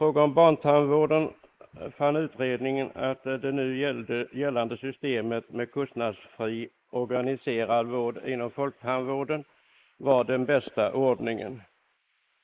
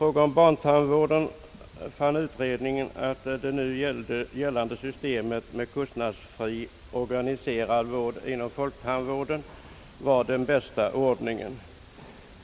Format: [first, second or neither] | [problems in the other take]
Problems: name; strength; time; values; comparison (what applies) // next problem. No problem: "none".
second | noise reduction (neural mask model Resemble Enhance denoiser)